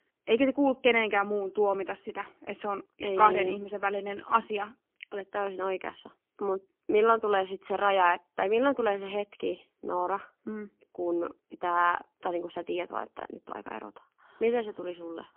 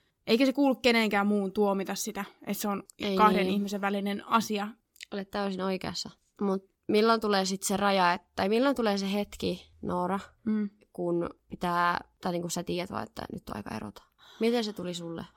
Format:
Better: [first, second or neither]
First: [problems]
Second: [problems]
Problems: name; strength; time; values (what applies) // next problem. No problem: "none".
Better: second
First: phone-call audio; poor line; nothing above 3 kHz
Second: none